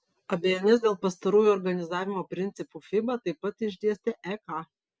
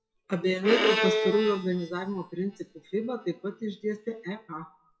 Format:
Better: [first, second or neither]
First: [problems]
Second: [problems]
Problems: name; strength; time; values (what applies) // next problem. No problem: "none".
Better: first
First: none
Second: noise reduction (classical method WPE with log-MMSE)